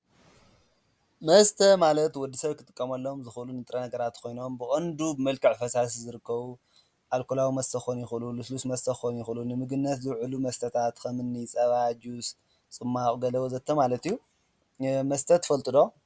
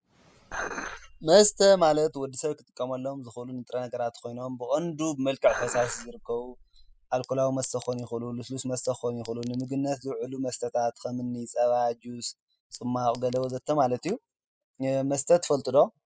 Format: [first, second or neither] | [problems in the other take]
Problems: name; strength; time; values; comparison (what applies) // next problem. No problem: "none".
first | noise reduction (classical method spectral subtraction)